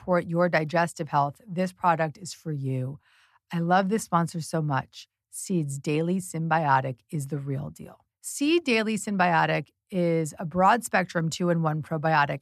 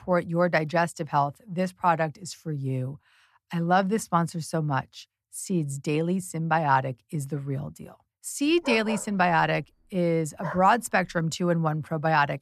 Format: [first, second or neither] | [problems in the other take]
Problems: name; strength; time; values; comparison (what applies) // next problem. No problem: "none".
first | dog barking; noticeable; from 8.5 to 11 s; peak 8 dB below the speech